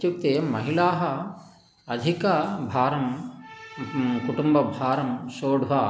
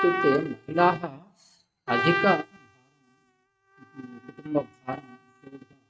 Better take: first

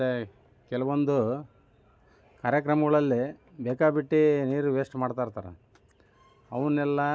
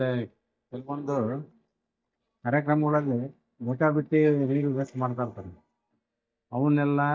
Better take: first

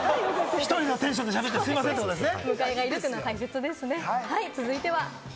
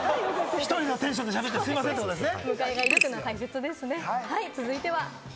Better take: first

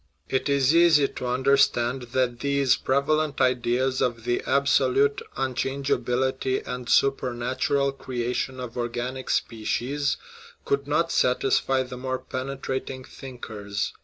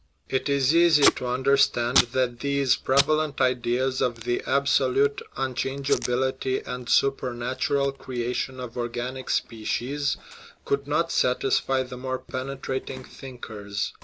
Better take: first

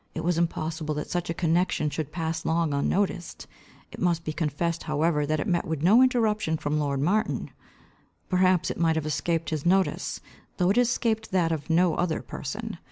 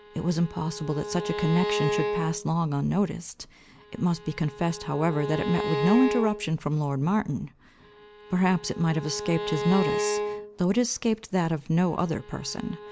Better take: first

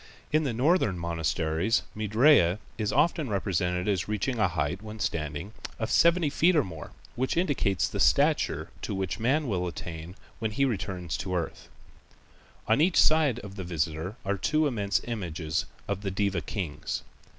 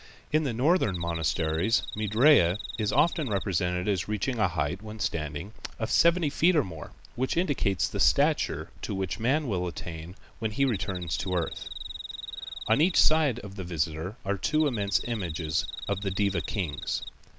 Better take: first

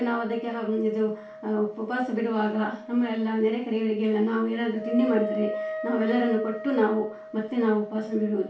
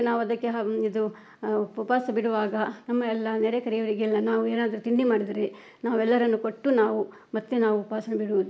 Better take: second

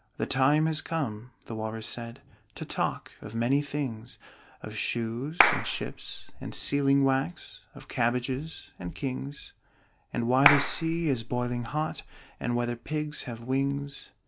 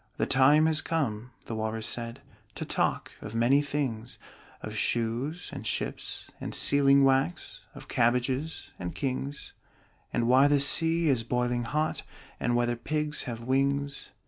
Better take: second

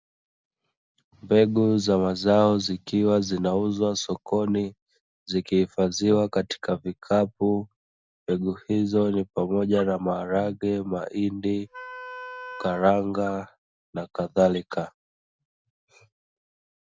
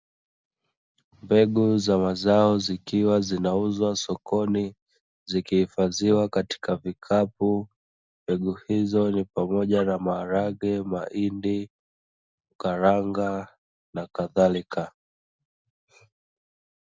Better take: second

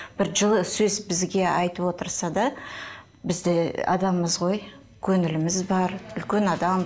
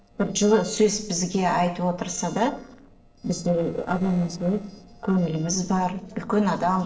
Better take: first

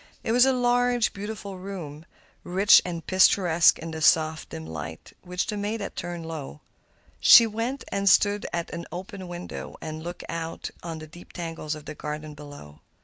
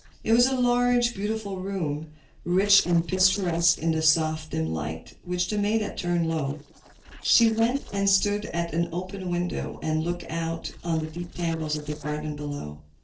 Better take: first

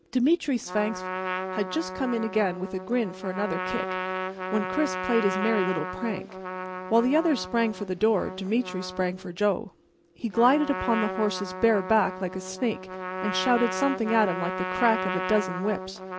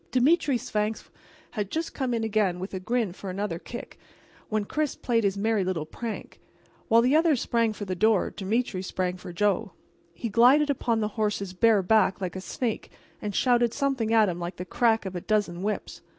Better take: second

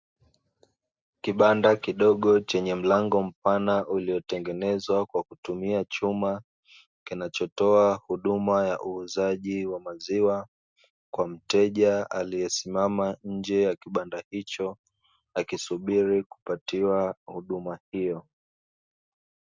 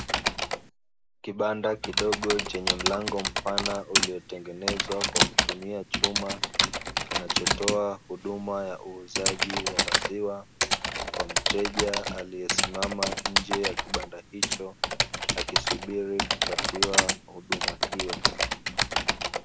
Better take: first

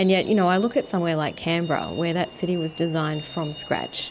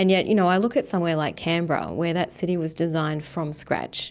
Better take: second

